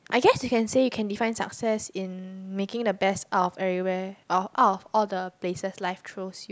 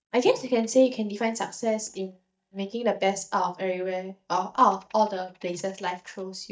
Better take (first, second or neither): first